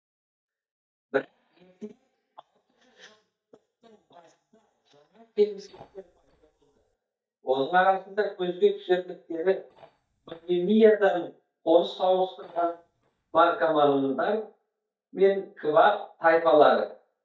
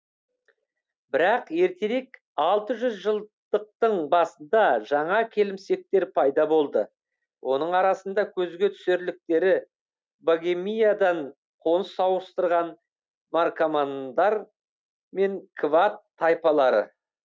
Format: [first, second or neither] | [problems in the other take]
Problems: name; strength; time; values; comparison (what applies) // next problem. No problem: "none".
second | noise reduction (neural mask model DeepFilterNet 3)